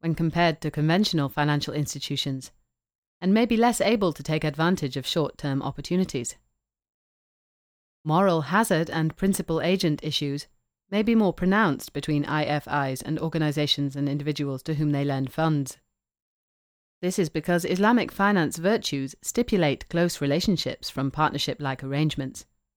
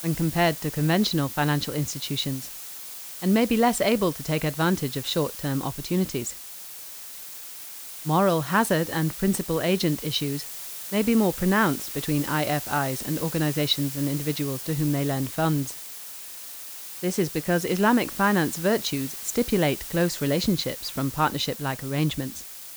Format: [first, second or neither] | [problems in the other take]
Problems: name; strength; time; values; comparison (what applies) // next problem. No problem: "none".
first | hiss; loud; throughout; 9 dB below the speech